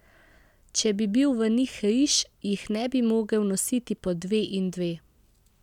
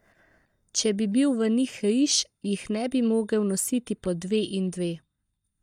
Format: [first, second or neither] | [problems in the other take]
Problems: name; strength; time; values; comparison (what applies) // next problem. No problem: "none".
first | noise reduction (neural mask model DeepFilterNet 3)